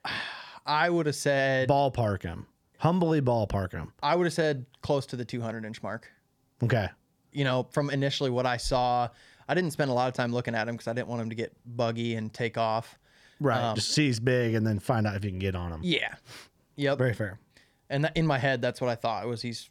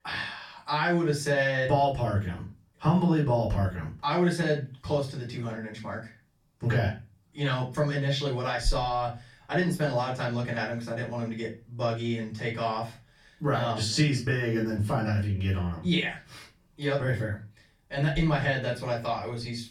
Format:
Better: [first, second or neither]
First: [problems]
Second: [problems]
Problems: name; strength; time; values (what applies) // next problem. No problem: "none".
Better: first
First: none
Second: room echo; slight; dies away in 0.3 s // off-mic speech; far